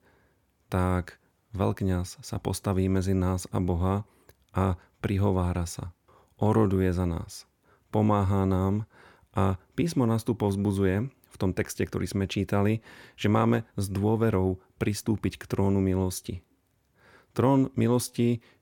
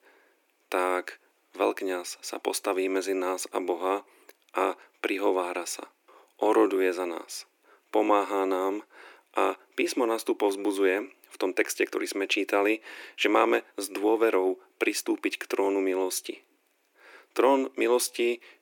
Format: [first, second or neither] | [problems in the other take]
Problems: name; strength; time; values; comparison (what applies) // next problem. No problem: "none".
first | thin; very; fading below 300 Hz